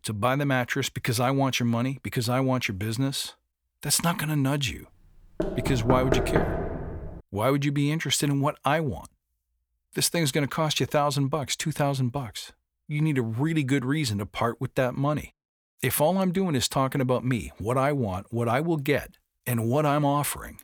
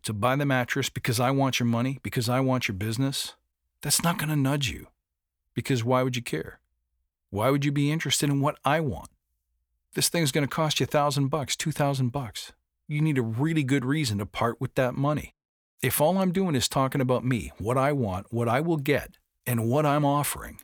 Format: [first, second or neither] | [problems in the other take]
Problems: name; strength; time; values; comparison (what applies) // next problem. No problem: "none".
second | door banging; loud; from 5.5 to 7 s; peak 1 dB above the speech